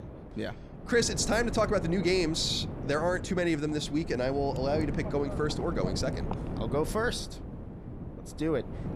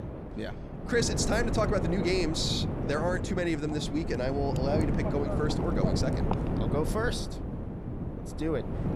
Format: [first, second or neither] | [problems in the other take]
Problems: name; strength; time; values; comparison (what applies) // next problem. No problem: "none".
first | wind noise on the microphone; heavy; 5 dB below the speech; occasional gusts in the first